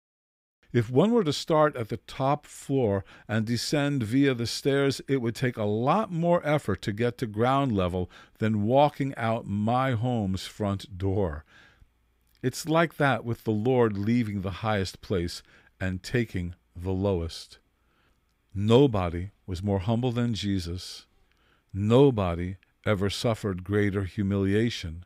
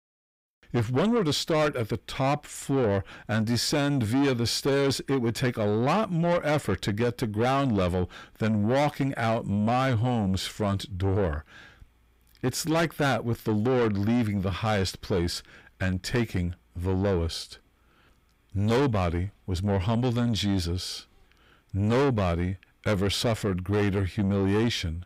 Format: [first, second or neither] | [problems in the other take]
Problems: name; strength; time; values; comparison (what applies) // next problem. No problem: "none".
first | distortion; heavy; 7 dB below the speech